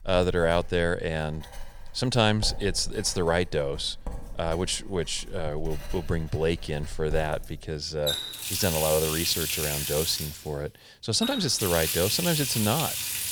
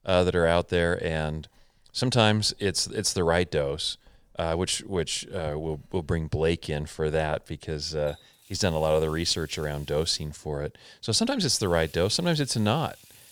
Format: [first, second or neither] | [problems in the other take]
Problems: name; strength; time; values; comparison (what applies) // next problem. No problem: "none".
second | household noises; loud; throughout; 2 dB below the speech; faint in the second